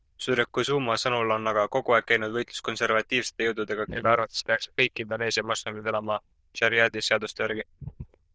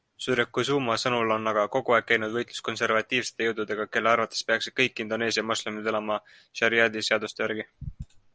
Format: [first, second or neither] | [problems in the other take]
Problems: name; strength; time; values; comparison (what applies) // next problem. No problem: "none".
second | noise reduction (neural diffusion model UNIVERSE++)